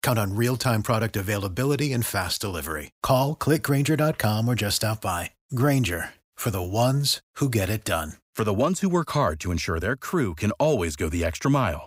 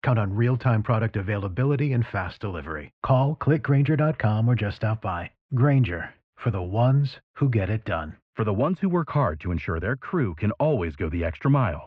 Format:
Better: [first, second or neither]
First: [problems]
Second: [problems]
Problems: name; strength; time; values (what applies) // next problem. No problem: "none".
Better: first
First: none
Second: muffled; very; fading above 2.5 kHz